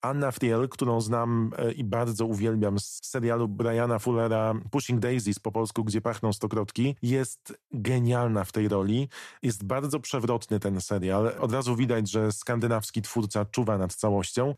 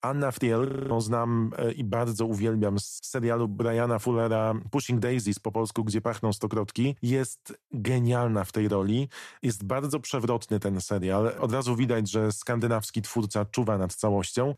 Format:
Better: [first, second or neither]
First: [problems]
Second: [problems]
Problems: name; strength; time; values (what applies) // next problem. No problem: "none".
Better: first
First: none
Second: audio freezing; at 0.5 s